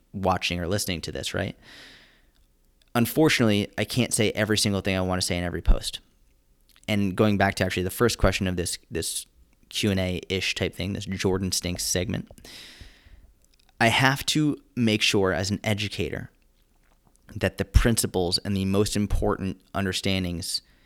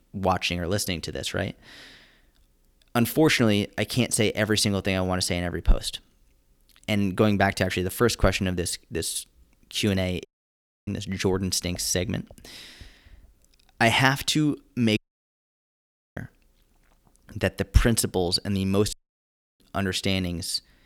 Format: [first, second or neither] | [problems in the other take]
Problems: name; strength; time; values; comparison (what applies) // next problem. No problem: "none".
first | audio cutting out; at 10 s for 0.5 s, at 15 s for 1 s and at 19 s for 0.5 s